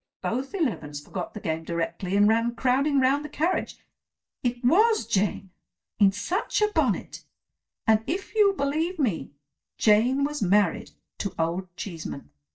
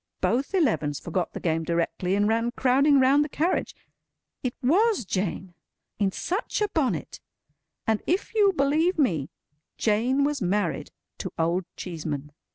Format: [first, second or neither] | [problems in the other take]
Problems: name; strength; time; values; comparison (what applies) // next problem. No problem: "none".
second | noise reduction (neural mask model DeepFilterNet 3)